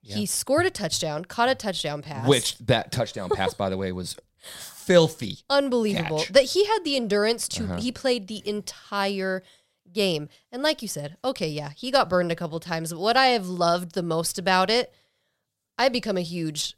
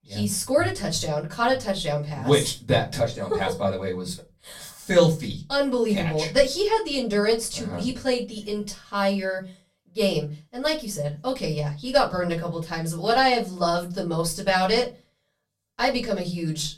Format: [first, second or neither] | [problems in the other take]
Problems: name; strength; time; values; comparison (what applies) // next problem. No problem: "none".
first | off-mic speech; far // room echo; very slight; dies away in 0.2 s